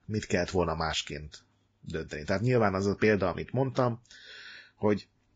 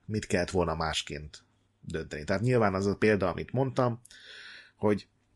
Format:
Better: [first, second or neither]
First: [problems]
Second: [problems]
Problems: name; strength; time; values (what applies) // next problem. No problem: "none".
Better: second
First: garbled, watery; badly; nothing above 7.5 kHz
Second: garbled, watery; slightly; nothing above 10.5 kHz